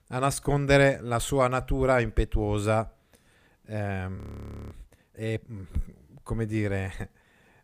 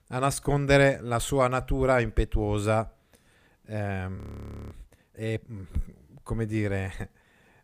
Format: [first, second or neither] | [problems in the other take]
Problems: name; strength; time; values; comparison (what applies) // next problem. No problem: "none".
neither | audio freezing; at 4 s for 0.5 s; the same in both